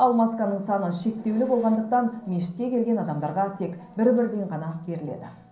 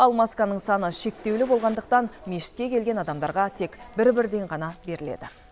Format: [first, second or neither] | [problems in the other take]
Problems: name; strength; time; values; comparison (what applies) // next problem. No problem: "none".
second | room echo; dies away in 0.6 s